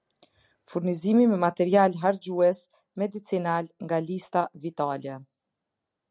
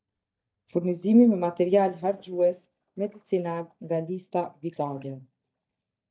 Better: first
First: none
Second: noise reduction (neural mask model DeepFilterNet 3)

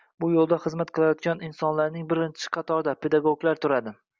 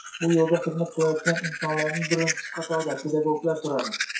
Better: first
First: none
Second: noise reduction (classical method WPE with log-MMSE)

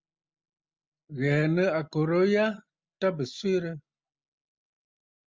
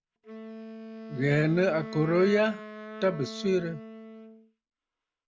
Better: first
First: none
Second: background sound (Wind instrument, woodwind instrument); 12 dB below the speech

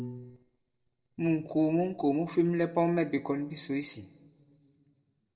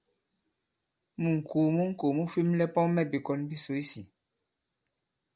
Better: second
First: noise reduction (neural separator model SepFormer DNS4)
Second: none

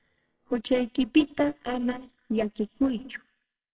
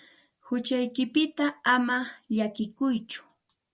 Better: second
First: noise reduction (neural separator model SepFormer WHAMR!)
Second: none

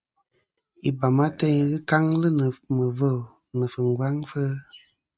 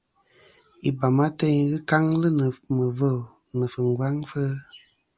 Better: second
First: noise reduction (neural mask model RNNoise)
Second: none

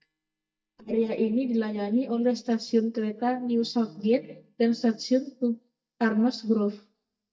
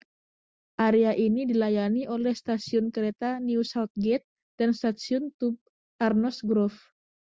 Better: second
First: noise reduction (neural mask model DeepFilterNet 3)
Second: none

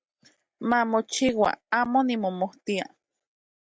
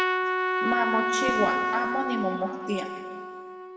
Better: first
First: none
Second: background sound (Trumpet); 3 dB above the speech // room echo; dies away in 1.7 s

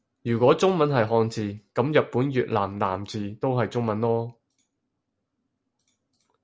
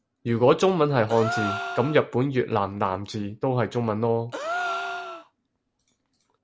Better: first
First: none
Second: background sound (Gasp); 8 dB below the speech

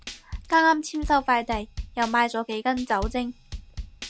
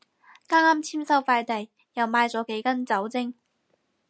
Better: second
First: background sound (Drum / Drum kit); 12 dB below the speech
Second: none

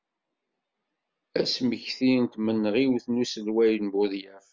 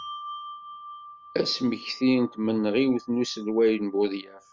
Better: first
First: none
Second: background sound (Bell); 17 dB below the speech

